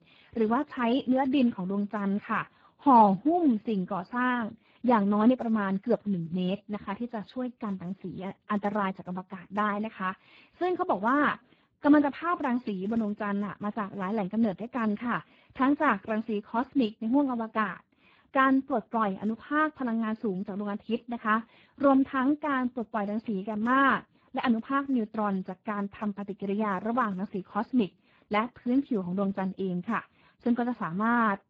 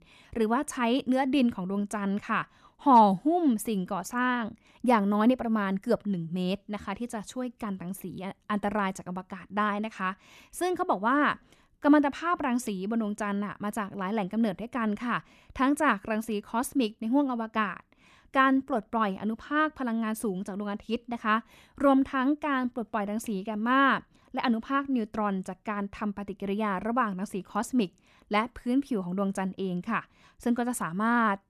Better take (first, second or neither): second